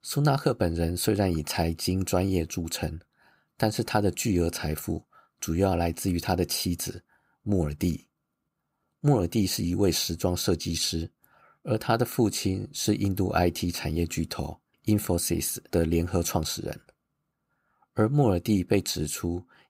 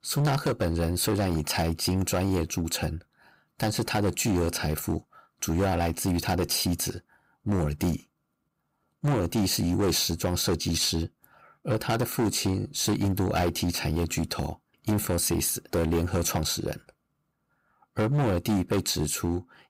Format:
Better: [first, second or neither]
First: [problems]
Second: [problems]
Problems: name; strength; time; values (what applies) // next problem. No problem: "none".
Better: first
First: none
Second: distortion; heavy; 11% of the sound clipped